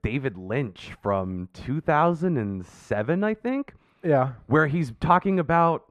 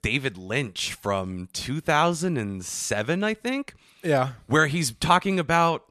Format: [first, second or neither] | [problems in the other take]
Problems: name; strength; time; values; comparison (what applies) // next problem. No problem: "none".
second | muffled; very; fading above 3 kHz